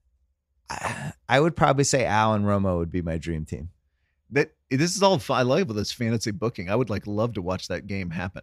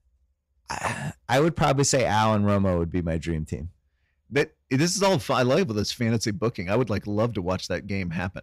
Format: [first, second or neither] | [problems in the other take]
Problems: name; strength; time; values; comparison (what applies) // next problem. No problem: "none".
first | distortion; slight; 4% of the sound clipped